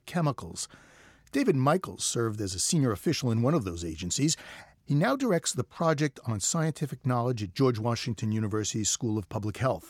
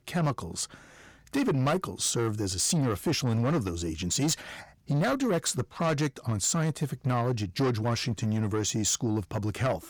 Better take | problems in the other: first | distortion; slight; 10 dB below the speech

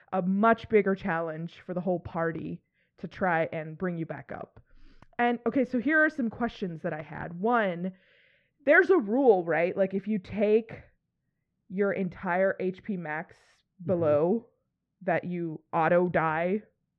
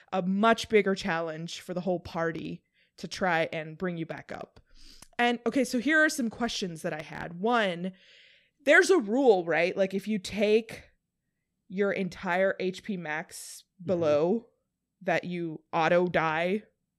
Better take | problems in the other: second | muffled; very; fading above 1.5 kHz

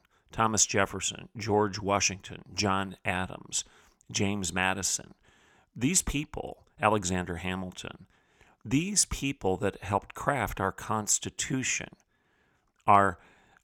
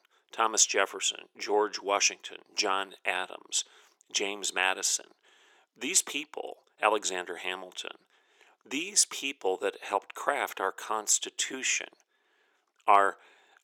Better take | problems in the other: first | thin; somewhat; fading below 350 Hz

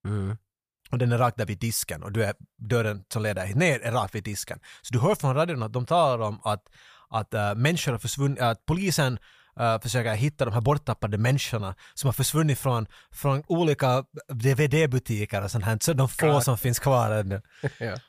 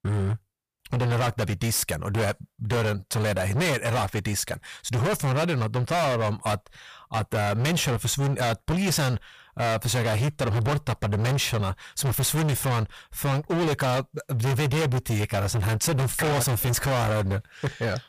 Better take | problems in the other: first | distortion; heavy; 32% of the sound clipped

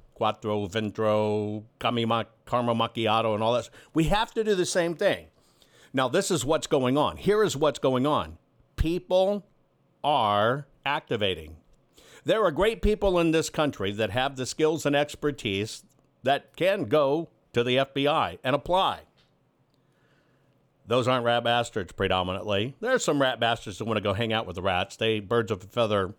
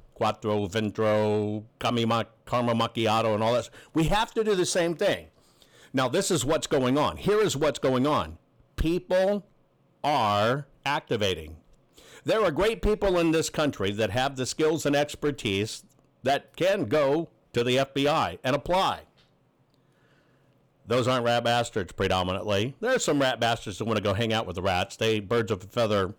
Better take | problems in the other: first | distortion; slight; 8% of the sound clipped

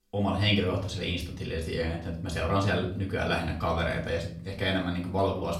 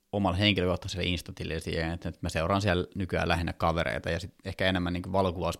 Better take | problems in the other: second | off-mic speech; far // room echo; slight; dies away in 0.5 s

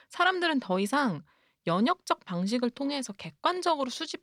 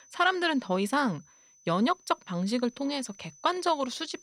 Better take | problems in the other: first | high-pitched whine; faint; throughout; 6 kHz, 25 dB below the speech

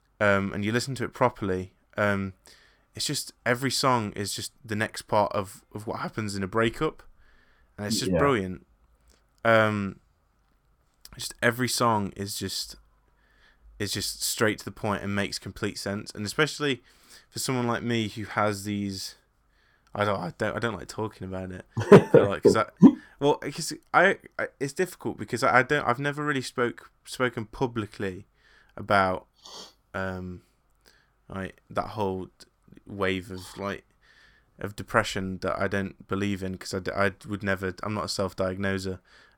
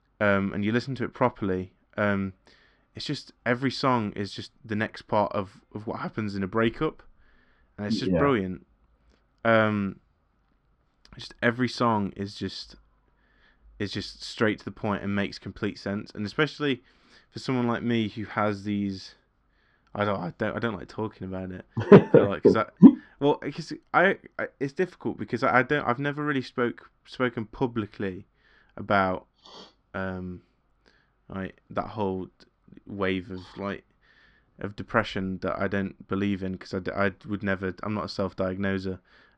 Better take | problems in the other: first | muffled; very slightly; fading above 4 kHz

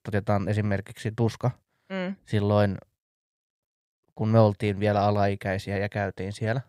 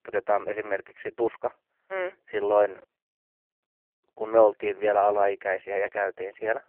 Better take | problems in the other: first | phone-call audio; poor line

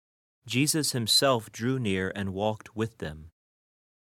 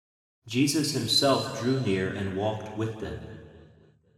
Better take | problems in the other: first | room echo; noticeable; dies away in 1.9 s // off-mic speech; somewhat distant

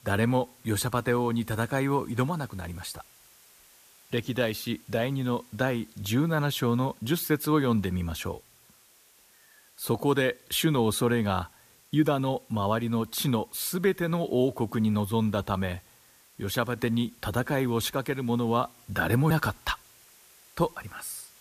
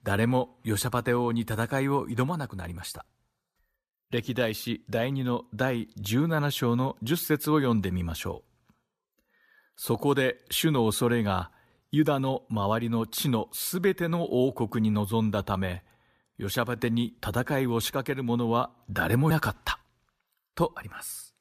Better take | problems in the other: second | hiss; faint; throughout; 25 dB below the speech

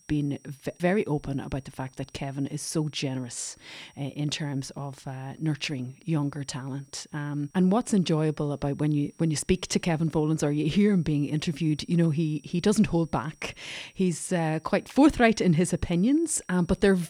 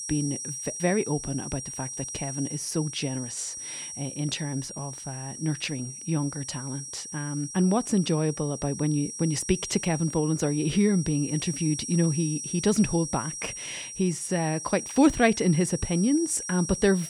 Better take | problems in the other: first | high-pitched whine; loud; throughout; 5.5 kHz, 8 dB below the speech; faint in the first

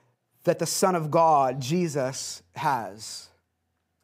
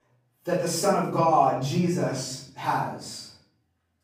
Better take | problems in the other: first | room echo; noticeable; dies away in 0.6 s // off-mic speech; far

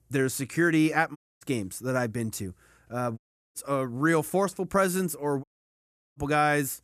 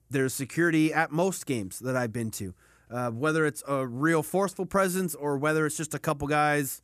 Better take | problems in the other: second | audio cutting out; at 1 s, at 3 s and at 5.5 s for 0.5 s

